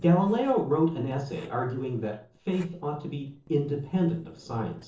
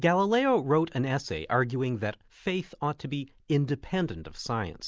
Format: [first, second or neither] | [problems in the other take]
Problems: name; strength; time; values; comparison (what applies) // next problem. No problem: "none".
second | noise reduction (neural separator model SepFormer DNS4)